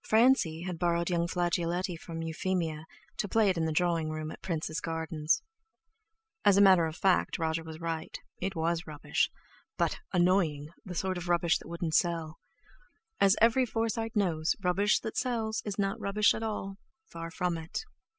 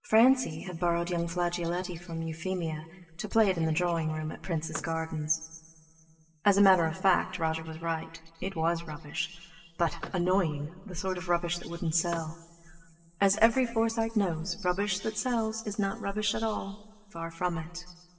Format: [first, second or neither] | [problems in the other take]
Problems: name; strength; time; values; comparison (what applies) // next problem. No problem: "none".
first | noise reduction (neural separator model SepFormer DNS4)